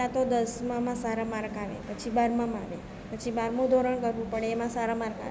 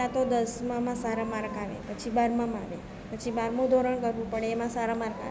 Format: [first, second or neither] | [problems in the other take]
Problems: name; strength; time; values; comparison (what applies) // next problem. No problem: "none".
first | background sound (Meow / Purr); 20 dB below the speech